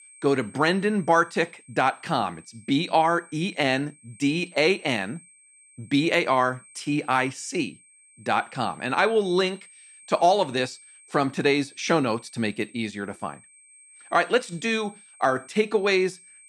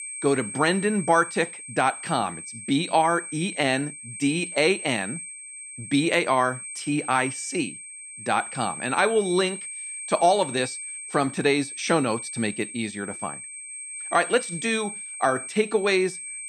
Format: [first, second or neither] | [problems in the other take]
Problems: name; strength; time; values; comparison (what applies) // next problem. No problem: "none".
first | high-pitched whine; loud; throughout; 8.5 kHz, 9 dB below the speech; faint in the first